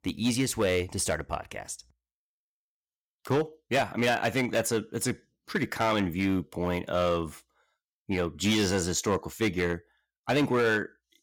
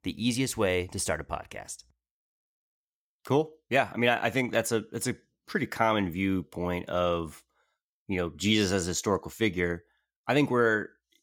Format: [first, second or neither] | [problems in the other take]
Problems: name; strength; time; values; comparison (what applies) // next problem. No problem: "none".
second | distortion; slight; 5% of the sound clipped